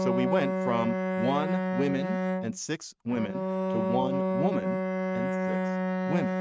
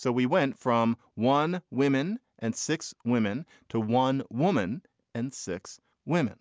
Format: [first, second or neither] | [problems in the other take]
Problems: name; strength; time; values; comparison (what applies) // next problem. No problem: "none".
second | noise reduction (neural mask model RNNoise)